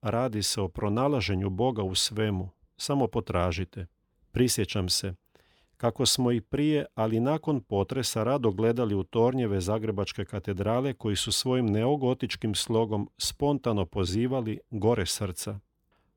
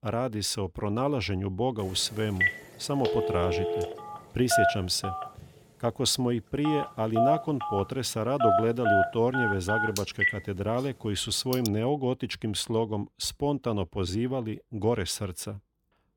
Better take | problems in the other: first | phone ringing; loud; from 2.5 to 12 s; peak 5 dB above the speech

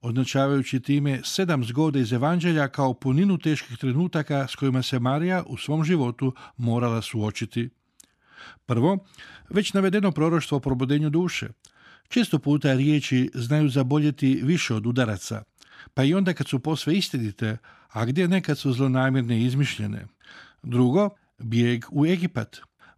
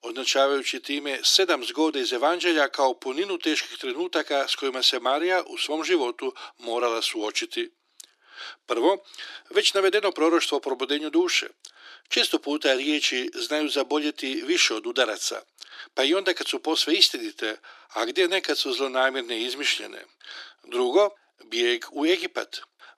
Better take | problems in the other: first | thin; very; fading below 350 Hz

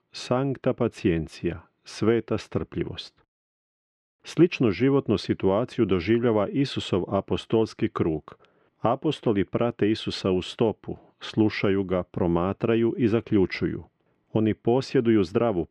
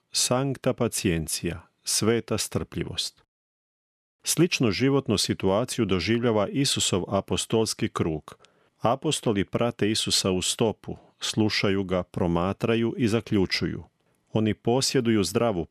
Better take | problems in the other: second | muffled; slightly; fading above 2.5 kHz

